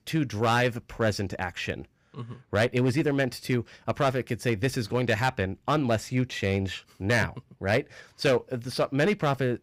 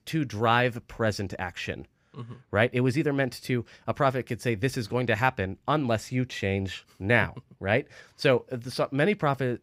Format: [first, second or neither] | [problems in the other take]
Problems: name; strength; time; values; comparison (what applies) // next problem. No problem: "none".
second | distortion; slight; 4% of the sound clipped